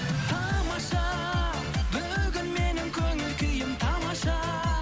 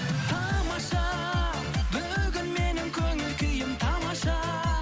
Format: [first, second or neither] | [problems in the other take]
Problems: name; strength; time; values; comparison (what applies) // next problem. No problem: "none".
second | background sound (Water); 17 dB below the speech